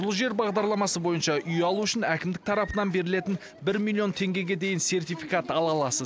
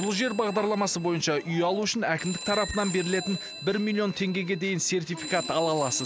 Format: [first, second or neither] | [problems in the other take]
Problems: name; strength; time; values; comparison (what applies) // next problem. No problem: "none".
first | background sound (Telephone); 13 dB below the speech